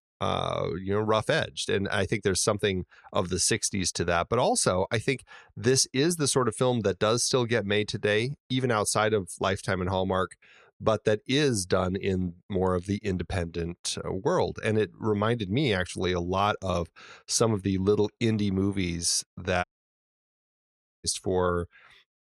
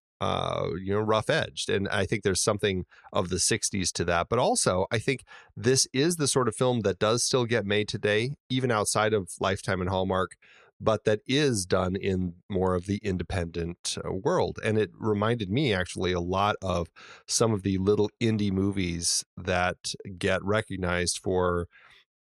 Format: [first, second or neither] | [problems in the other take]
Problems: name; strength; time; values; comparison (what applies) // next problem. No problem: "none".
second | audio cutting out; at 20 s for 1.5 s